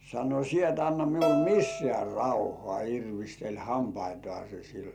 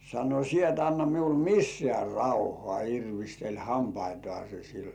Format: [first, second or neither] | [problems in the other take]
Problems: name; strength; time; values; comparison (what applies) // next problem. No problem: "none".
second | background sound (Bowed string instrument); 4 dB below the speech